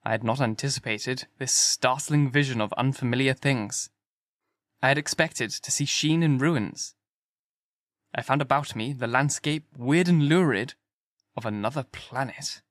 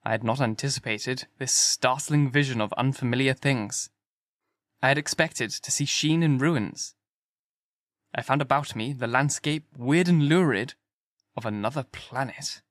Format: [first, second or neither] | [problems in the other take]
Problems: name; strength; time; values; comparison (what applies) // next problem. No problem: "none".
neither | none